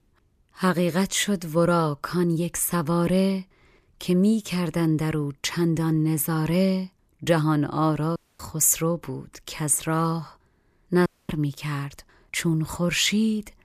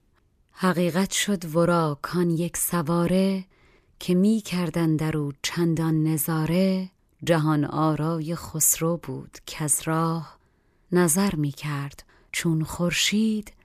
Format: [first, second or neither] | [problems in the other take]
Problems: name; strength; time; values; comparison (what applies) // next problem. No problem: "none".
second | audio cutting out; at 8 s and at 11 s